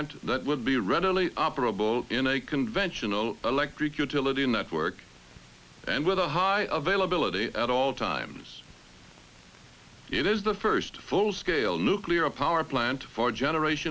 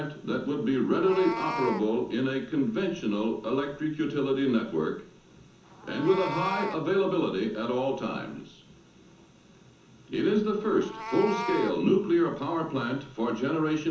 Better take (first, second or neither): first